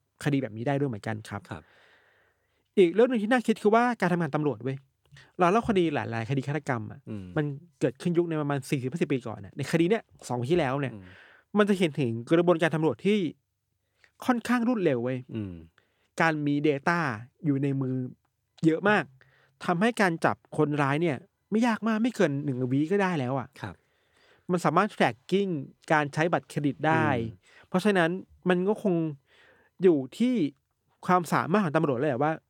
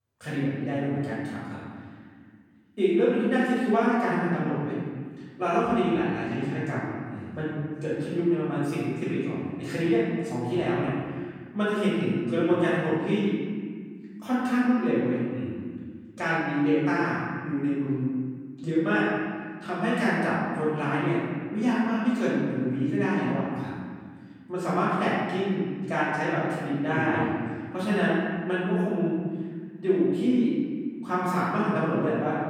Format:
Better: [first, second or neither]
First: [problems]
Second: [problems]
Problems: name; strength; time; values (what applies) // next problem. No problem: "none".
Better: first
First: none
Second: room echo; strong; dies away in 1.8 s // off-mic speech; far